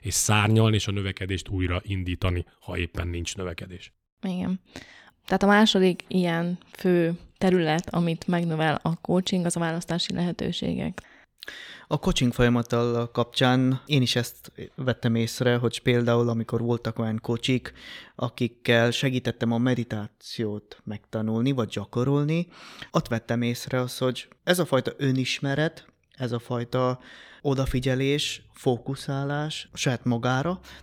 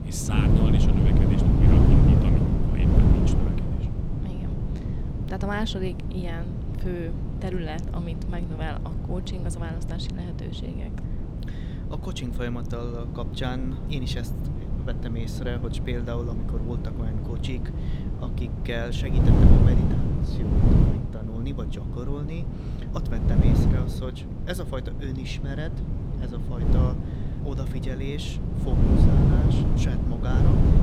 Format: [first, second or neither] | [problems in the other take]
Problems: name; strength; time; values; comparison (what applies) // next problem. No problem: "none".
first | wind noise on the microphone; heavy; 2 dB above the speech